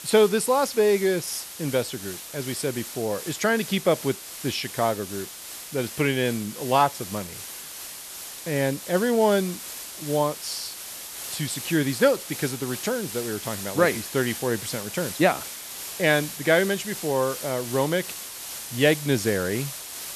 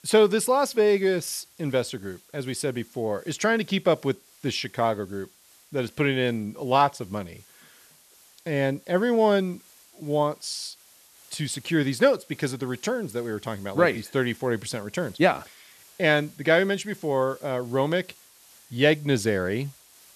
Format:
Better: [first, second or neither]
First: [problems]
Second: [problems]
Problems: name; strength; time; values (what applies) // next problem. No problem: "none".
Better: second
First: hiss; loud; throughout; 9 dB below the speech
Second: hiss; faint; throughout; 25 dB below the speech